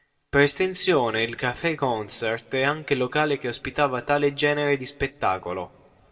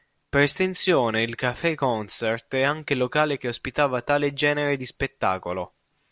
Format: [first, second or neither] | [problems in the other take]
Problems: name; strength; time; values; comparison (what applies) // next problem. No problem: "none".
second | room echo; dies away in 0.7 s